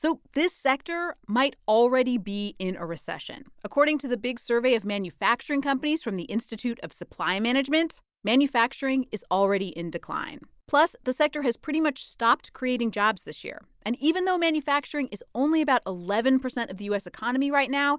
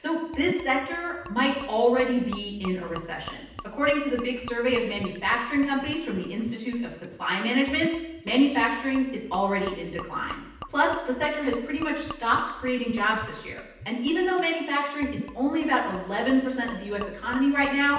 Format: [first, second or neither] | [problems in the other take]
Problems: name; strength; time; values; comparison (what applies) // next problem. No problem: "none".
first | background sound (Gurgling / Liquid); 17 dB below the speech // room echo; dies away in 0.9 s